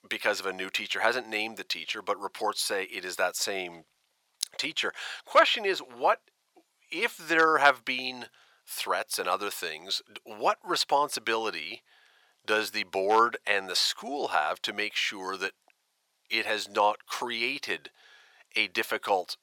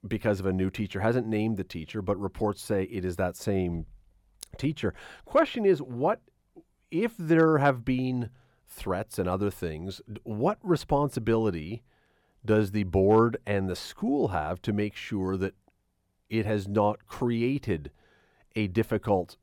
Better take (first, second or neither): second